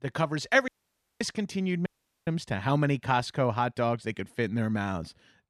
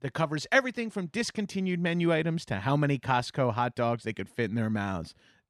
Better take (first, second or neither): second